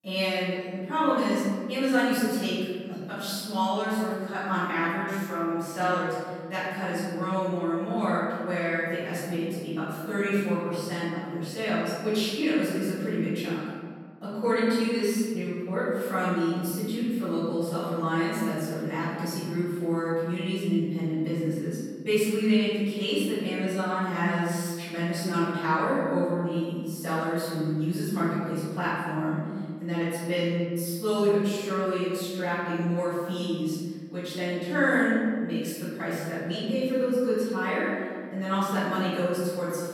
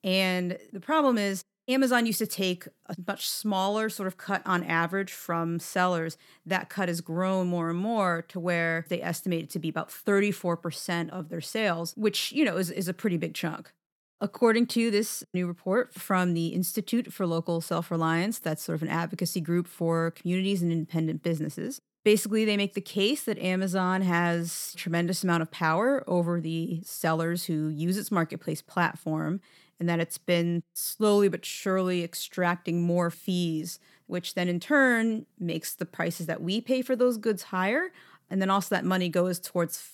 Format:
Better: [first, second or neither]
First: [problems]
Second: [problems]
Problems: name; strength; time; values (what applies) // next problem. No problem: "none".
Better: second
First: off-mic speech; far // room echo; strong; dies away in 1.6 s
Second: none